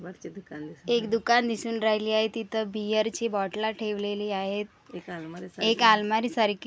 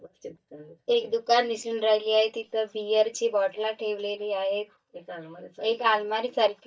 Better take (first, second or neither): first